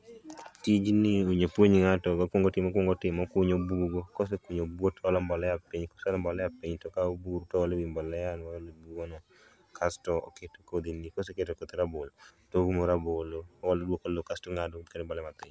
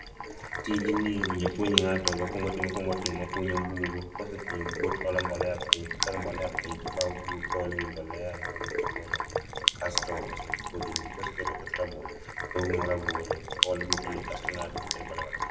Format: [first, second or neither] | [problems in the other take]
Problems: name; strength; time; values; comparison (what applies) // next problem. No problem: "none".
first | background sound (Sink (filling or washing)); 1 dB above the speech // room echo; dies away in 0.7 s